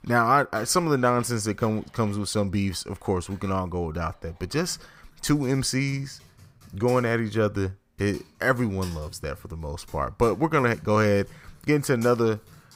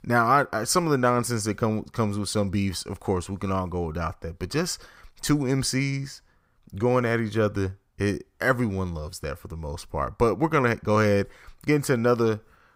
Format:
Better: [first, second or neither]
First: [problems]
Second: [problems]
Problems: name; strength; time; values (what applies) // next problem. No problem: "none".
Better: second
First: household noises; faint; throughout; 25 dB below the speech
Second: none